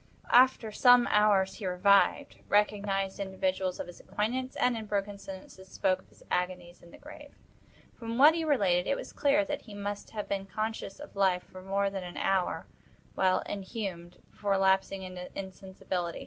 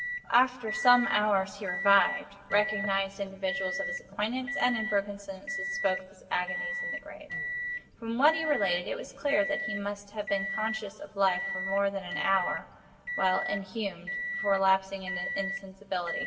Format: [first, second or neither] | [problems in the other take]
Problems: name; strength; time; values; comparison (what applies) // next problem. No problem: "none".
first | background sound (Microwave oven); 6 dB below the speech // room echo; dies away in 2.3 s